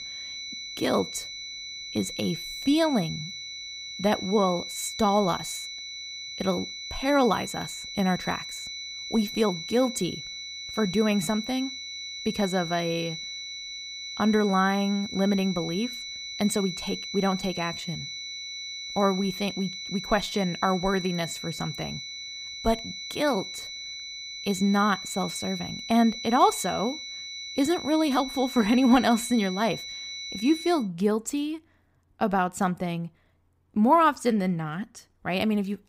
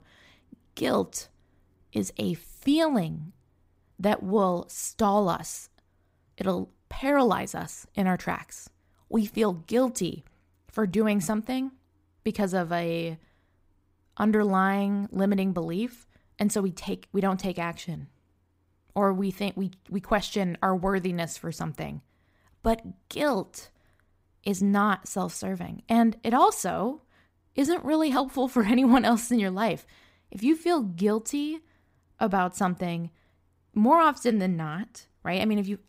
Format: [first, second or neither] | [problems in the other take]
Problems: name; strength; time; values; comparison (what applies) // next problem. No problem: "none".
second | high-pitched whine; loud; until 31 s; 4 kHz, 8 dB below the speech